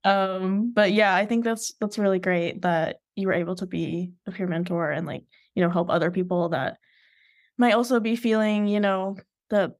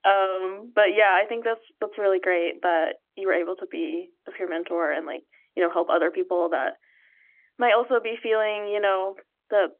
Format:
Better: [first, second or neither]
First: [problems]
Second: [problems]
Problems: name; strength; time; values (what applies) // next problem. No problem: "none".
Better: first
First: none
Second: phone-call audio